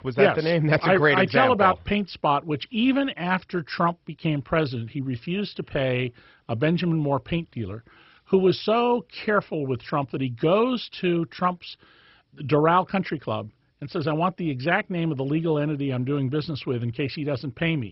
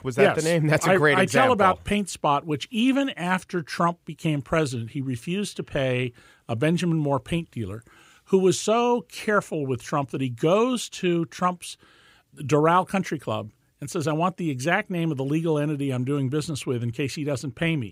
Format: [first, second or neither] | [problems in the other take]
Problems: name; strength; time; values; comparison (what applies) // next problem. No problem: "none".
second | garbled, watery; badly; nothing above 5.5 kHz